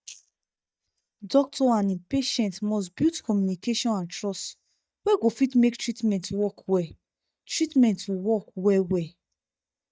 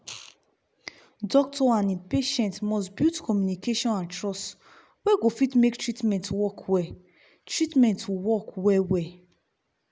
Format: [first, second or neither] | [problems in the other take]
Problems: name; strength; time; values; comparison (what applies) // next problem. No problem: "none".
second | noise reduction (neural mask model DeepFilterNet 3)